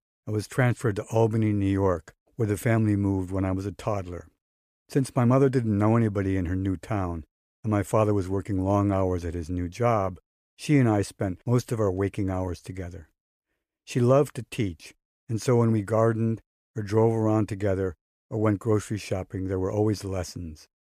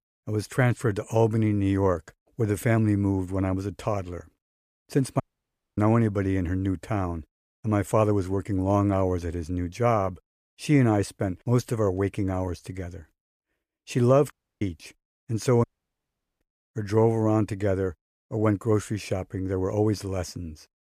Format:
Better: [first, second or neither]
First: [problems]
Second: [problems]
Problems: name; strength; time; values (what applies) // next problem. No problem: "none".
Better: first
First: none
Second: audio cutting out; at 5 s for 0.5 s, at 14 s and at 16 s for 1 s